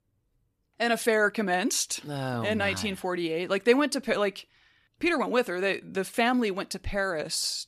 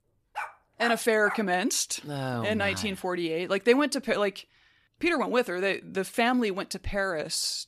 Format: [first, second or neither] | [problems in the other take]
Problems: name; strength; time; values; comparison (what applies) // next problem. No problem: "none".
first | dog barking; noticeable; until 1.5 s; peak 9 dB below the speech